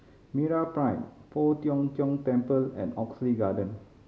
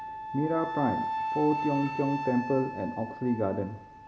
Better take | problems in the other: first | background sound (Wind instrument, woodwind instrument); 5 dB below the speech

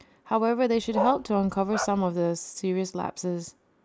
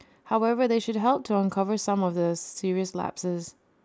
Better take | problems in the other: second | background sound (Bark); 6 dB below the speech

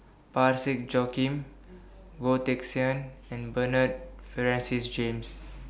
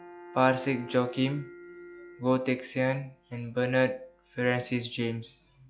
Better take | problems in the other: first | noise reduction (classical method log-MMSE)

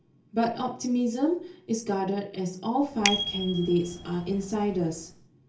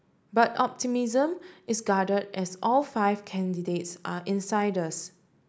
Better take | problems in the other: second | background sound (Bicycle bell); 6 dB below the speech // room echo; dies away in 0.3 s

